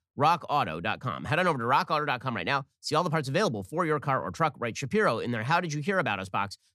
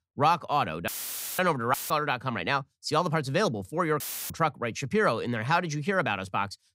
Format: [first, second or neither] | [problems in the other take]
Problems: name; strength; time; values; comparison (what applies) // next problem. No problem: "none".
first | audio cutting out; filled with static; at 1 s, at 1.5 s and at 4 s